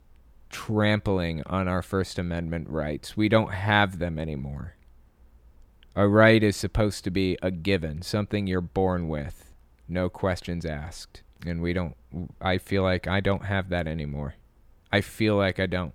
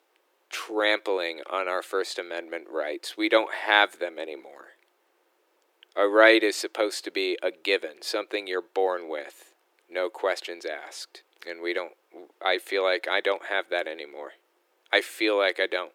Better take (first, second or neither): first